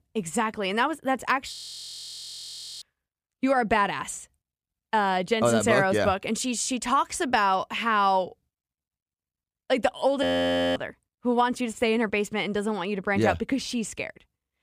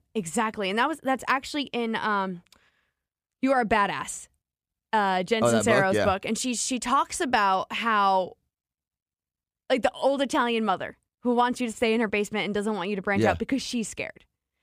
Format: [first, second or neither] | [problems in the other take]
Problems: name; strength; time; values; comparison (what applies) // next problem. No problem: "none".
second | audio freezing; at 1.5 s for 1.5 s and at 10 s for 0.5 s